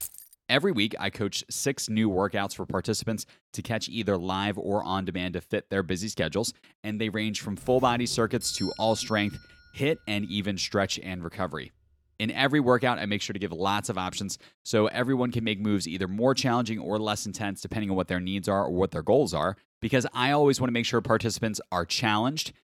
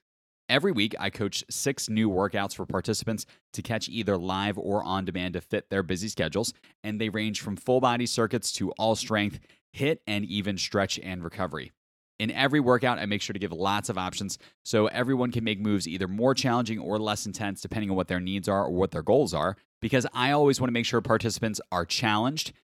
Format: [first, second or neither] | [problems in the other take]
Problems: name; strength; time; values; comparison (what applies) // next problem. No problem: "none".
second | jangling keys; faint; at the start; peak 10 dB below the speech // doorbell; noticeable; from 7.5 to 10 s; peak 8 dB below the speech